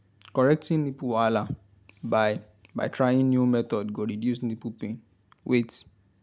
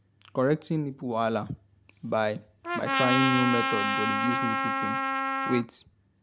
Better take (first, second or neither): first